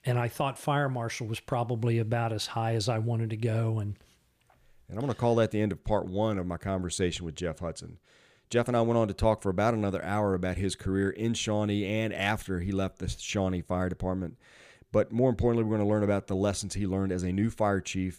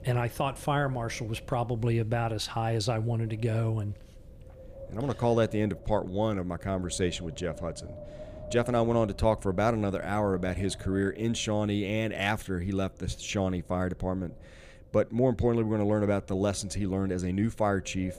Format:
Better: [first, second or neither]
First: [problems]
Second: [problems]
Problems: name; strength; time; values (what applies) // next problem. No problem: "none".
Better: first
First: none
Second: wind noise on the microphone; occasional gusts; 20 dB below the speech